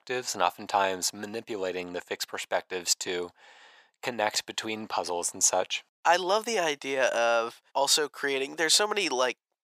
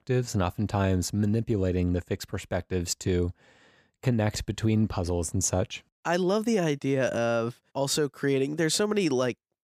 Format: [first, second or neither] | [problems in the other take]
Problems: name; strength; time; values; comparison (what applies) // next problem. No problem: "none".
second | thin; very; fading below 600 Hz